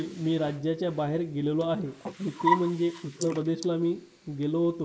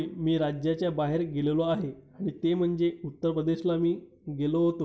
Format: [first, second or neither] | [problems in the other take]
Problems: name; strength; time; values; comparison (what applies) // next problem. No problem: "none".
second | noise reduction (neural mask model Resemble Enhance denoiser)